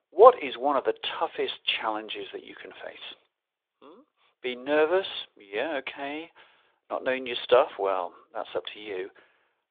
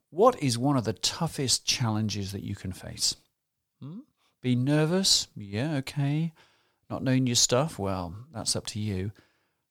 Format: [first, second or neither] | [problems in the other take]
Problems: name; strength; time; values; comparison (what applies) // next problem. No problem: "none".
second | phone-call audio; nothing above 3.5 kHz